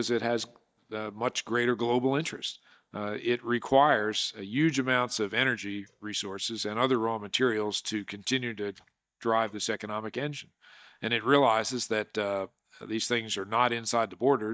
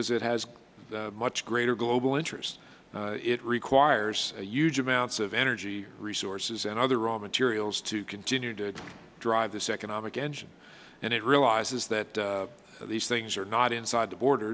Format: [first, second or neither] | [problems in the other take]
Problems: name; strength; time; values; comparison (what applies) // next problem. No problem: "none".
second | noise reduction (neural mask model DeepFilterNet 3)